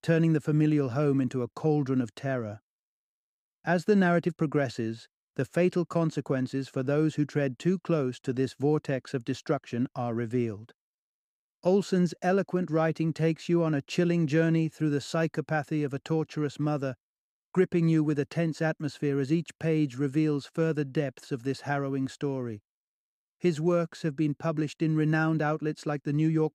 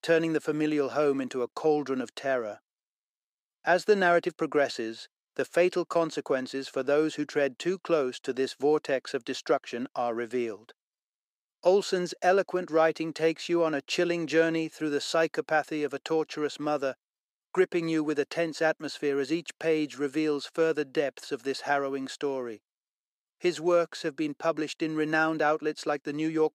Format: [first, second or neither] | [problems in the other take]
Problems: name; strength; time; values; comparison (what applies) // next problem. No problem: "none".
first | thin; somewhat; fading below 500 Hz